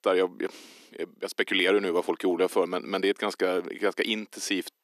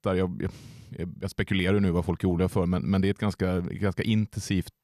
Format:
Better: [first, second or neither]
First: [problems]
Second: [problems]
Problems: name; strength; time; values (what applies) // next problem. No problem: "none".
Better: second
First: thin; somewhat; fading below 300 Hz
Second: none